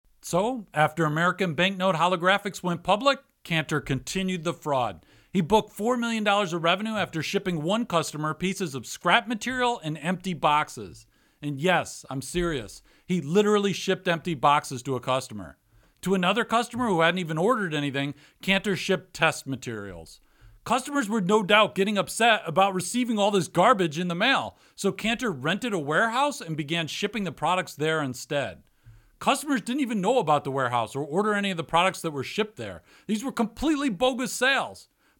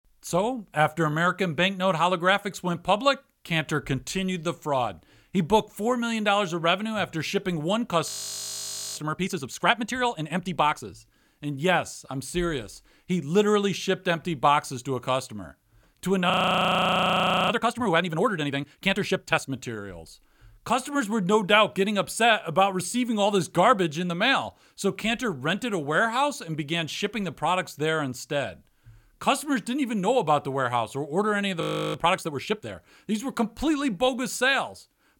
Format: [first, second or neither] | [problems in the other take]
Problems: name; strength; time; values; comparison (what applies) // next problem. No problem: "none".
first | audio freezing; at 8 s for 1 s, at 16 s for 1 s and at 32 s